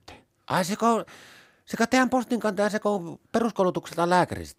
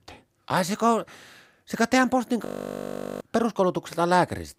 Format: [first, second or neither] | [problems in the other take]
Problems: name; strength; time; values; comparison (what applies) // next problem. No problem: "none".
first | audio freezing; at 2.5 s for 1 s